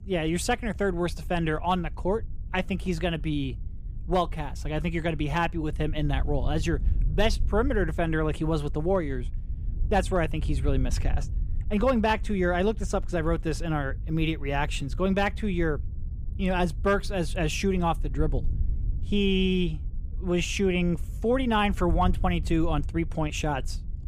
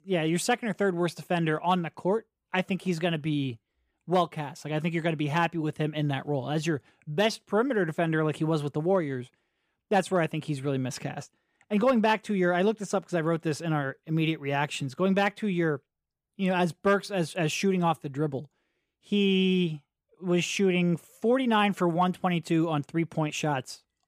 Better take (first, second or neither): second